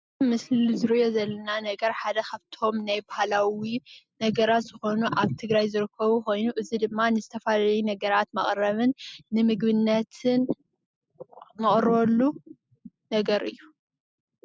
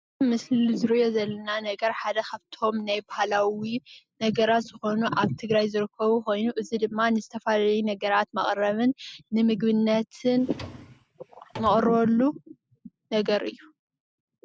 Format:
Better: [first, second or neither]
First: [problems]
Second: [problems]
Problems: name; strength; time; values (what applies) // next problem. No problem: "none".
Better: first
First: none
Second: background sound (Drawer open or close); 17 dB below the speech